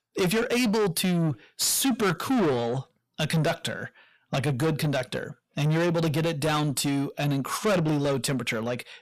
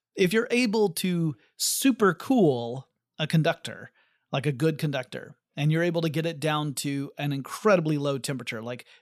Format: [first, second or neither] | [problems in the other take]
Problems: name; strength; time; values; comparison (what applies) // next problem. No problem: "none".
second | distortion; heavy; 6 dB below the speech